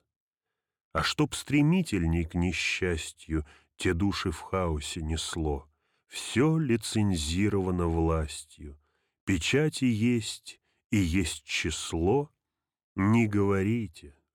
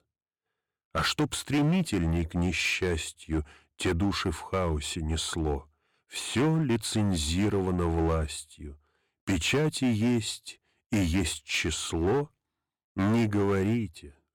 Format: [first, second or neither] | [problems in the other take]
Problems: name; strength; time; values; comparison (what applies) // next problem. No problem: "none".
first | distortion; slight; 10% of the sound clipped